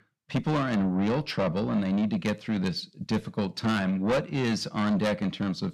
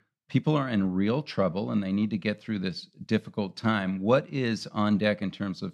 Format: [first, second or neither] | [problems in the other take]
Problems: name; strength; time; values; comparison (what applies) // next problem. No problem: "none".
second | distortion; heavy; 7 dB below the speech